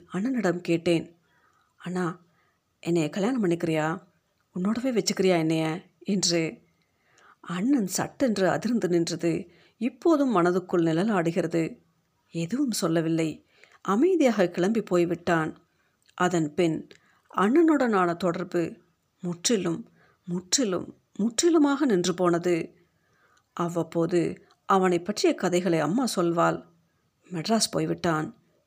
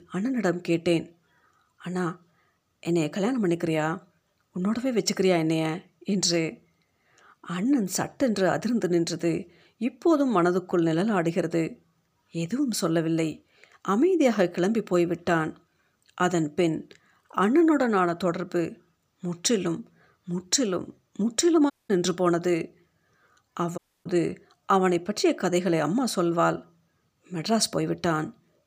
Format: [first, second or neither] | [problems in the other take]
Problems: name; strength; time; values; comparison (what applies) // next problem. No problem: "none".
first | audio cutting out; at 22 s and at 24 s